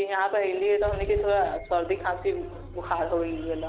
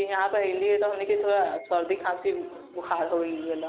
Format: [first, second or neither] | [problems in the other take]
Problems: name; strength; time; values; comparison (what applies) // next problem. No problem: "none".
second | background sound (Idling / Engine starting / Car); 13 dB below the speech